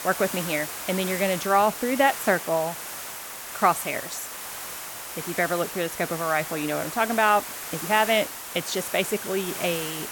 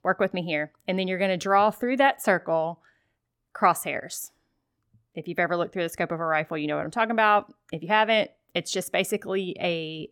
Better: second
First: hiss; loud; throughout; 7 dB below the speech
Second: none

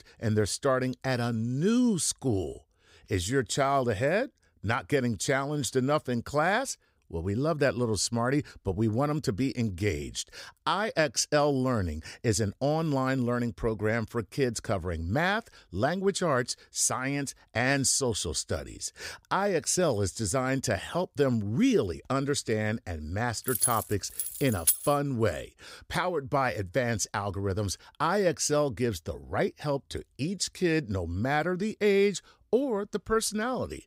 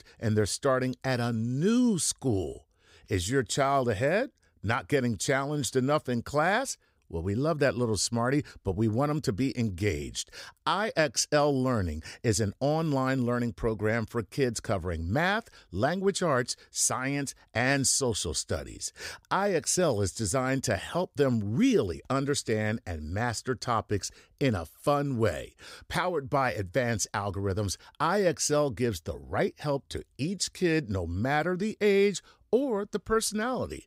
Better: second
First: jangling keys; loud; from 23 to 25 s; peak 3 dB above the speech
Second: none

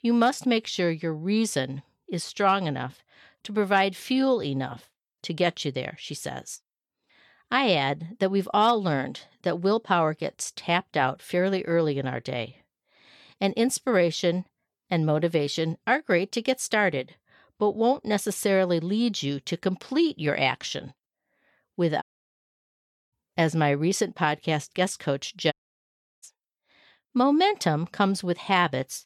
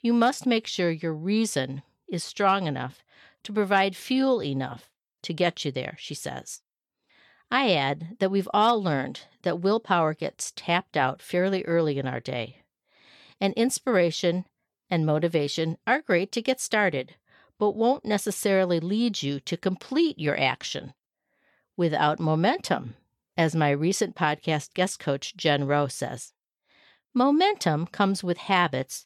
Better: second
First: audio cutting out; at 22 s for 1 s and at 26 s for 0.5 s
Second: none

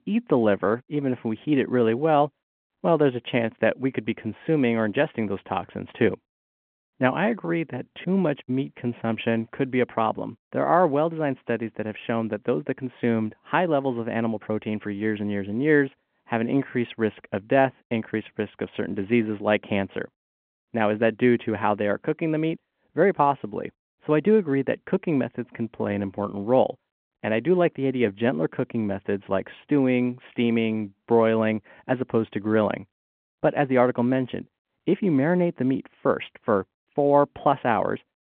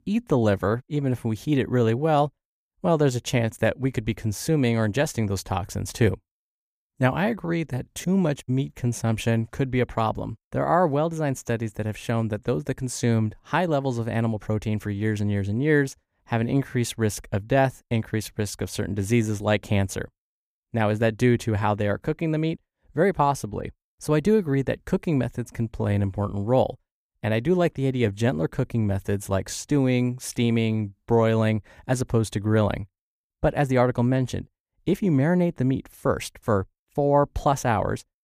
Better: second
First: phone-call audio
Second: none

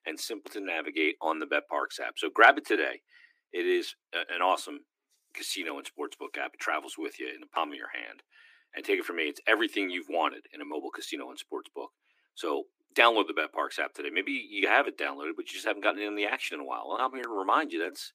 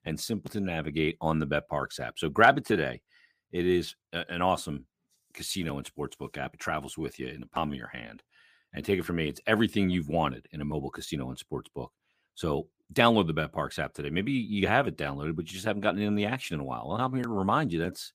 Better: second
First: thin; somewhat; fading below 300 Hz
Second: none

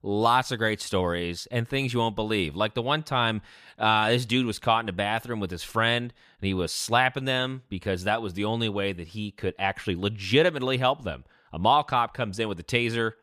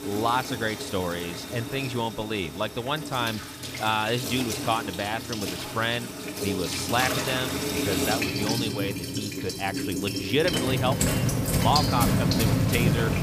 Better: first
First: none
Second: household noises; very loud; throughout; 1 dB above the speech

